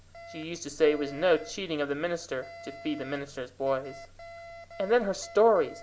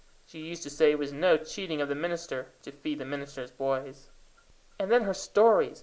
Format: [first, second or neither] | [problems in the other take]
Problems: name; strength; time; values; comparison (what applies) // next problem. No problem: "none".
second | background sound (Alarm); 18 dB below the speech